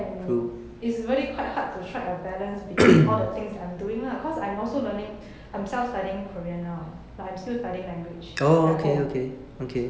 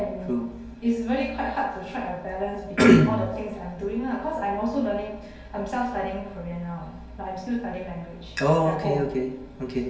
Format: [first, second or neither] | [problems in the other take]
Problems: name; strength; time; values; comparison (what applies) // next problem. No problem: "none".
first | room echo; dies away in 0.2 s